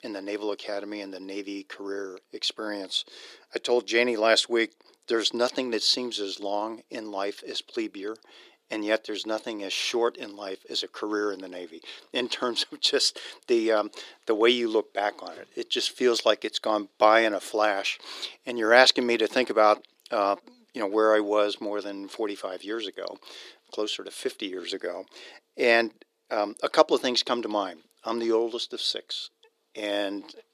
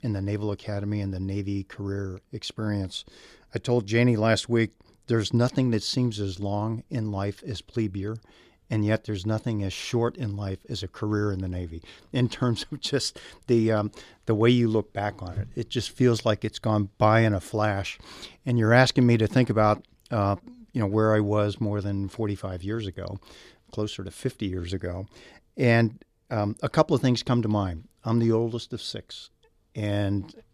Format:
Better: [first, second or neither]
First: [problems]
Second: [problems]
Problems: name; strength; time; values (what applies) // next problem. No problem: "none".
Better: second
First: thin; very; fading below 350 Hz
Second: none